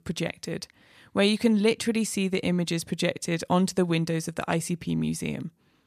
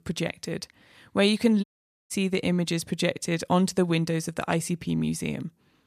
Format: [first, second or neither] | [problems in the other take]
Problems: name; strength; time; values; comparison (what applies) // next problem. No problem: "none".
first | audio cutting out; at 1.5 s